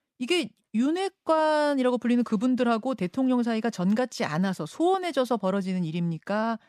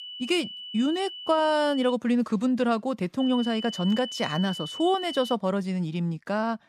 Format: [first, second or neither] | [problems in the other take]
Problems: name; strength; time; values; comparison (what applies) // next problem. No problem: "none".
first | high-pitched whine; loud; until 2 s and from 3 to 5.5 s; 3 kHz, 10 dB below the speech